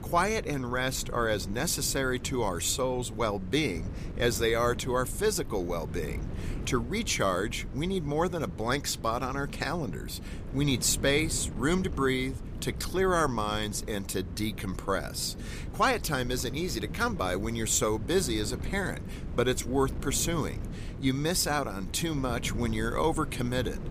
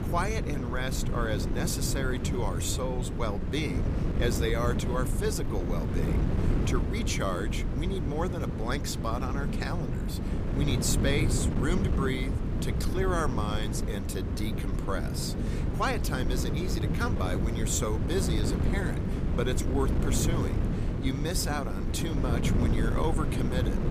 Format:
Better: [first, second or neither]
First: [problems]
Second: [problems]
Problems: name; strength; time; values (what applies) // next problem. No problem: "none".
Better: first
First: wind noise on the microphone; occasional gusts; 15 dB below the speech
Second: wind noise on the microphone; heavy; 4 dB below the speech